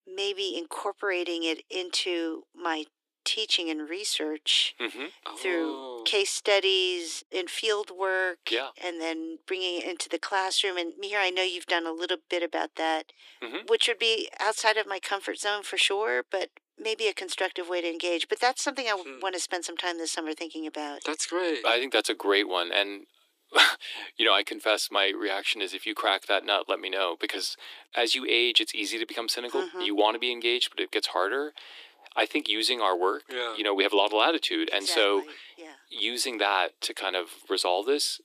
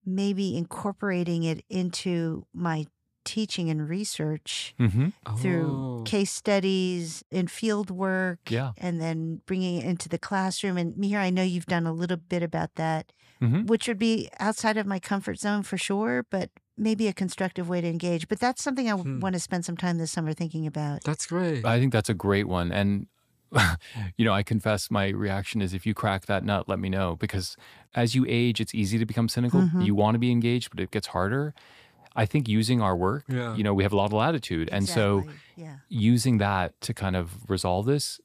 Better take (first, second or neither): second